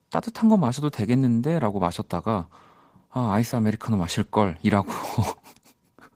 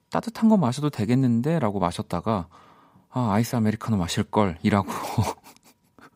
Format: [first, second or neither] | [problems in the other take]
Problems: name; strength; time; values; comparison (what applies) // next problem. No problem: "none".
second | garbled, watery; slightly; nothing above 15.5 kHz